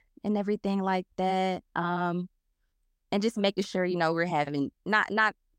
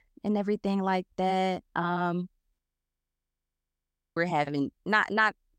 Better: first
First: none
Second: audio freezing; at 2.5 s for 1.5 s

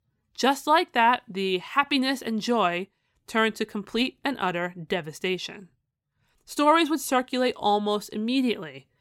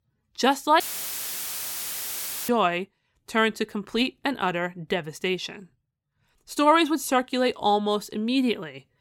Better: first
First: none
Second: audio cutting out; filled with static; at 1 s for 1.5 s

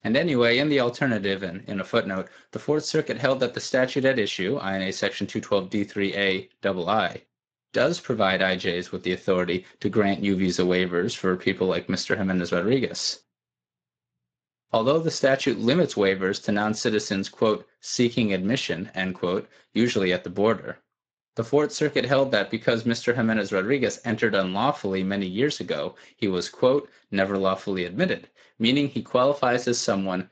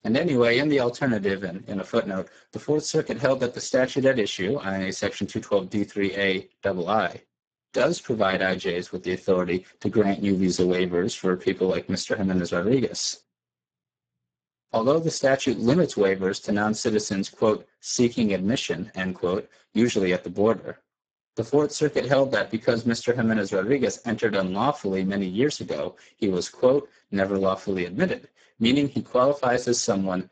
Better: first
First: garbled, watery; slightly; nothing above 7.5 kHz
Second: garbled, watery; badly; nothing above 7.5 kHz

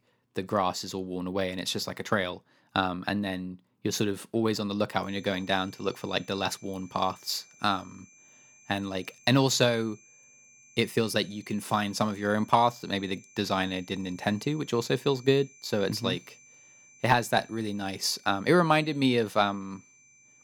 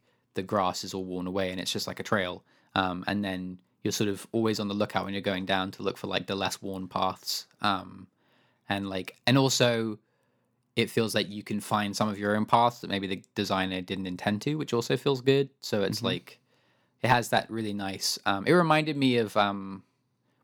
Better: second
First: high-pitched whine; faint; from 5 s on; 2.5 kHz, 25 dB below the speech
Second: none

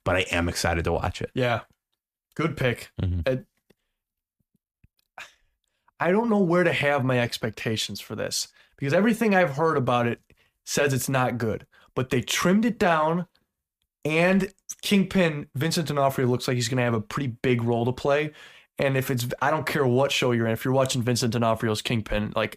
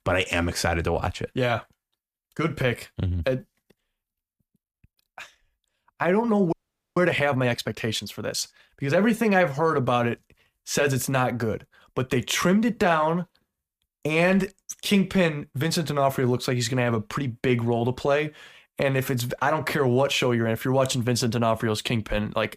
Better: first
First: none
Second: audio freezing; at 6.5 s

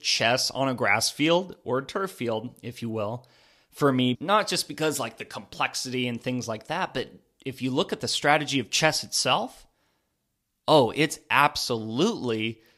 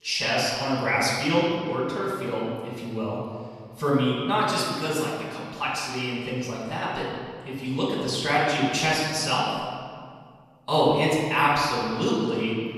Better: first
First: none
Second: off-mic speech; far // room echo; strong; dies away in 1.9 s

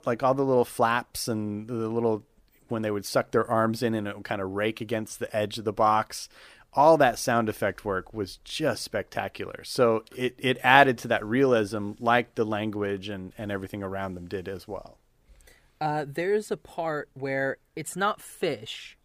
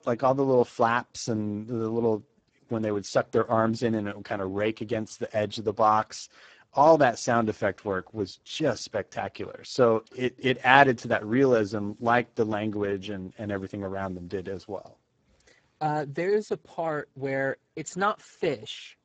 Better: first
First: none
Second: garbled, watery; badly; nothing above 7.5 kHz

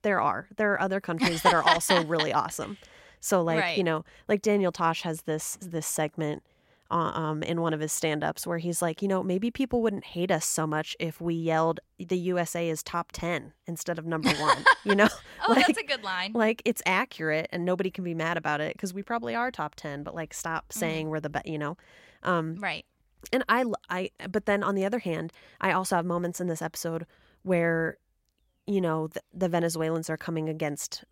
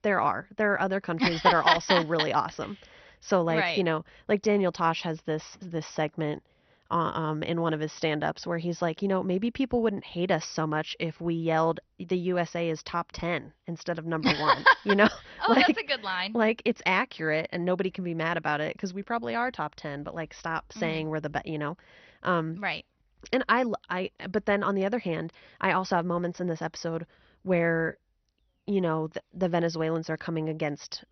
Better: first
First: none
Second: garbled, watery; slightly; nothing above 6 kHz

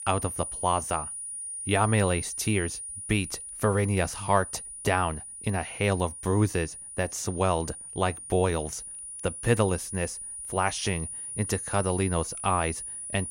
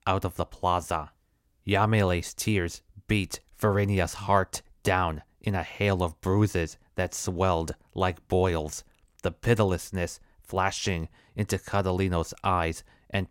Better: second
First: high-pitched whine; loud; throughout; 9.5 kHz, 7 dB below the speech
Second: none

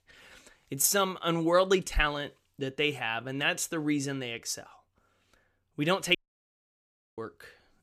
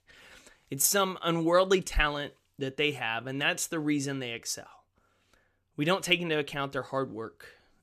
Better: second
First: audio cutting out; at 6 s for 1 s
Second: none

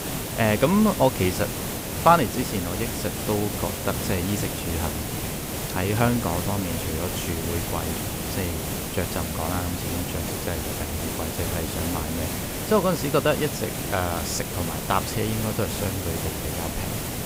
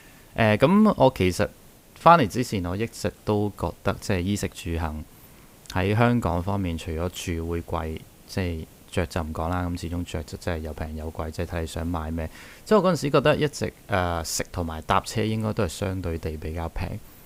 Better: second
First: hiss; loud; throughout; 2 dB below the speech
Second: hiss; faint; throughout; 25 dB below the speech

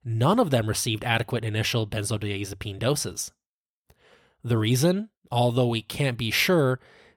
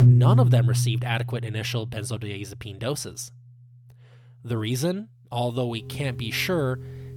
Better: first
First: none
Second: background music; very loud; throughout; 5 dB above the speech

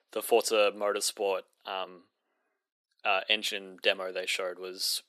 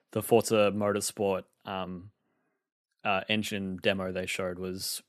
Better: second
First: thin; very; fading below 400 Hz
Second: none

